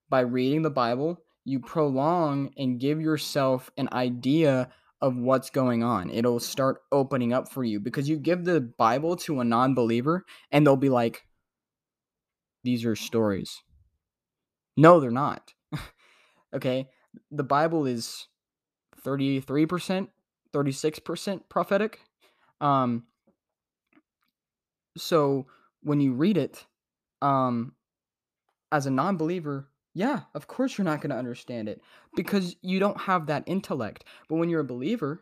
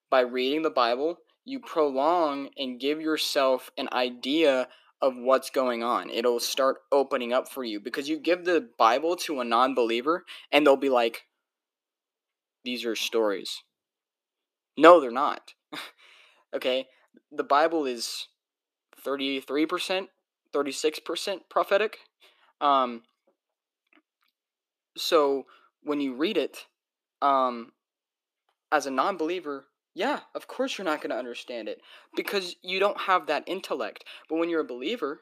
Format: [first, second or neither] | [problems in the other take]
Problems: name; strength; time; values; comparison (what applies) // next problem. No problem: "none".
first | thin; somewhat; fading below 350 Hz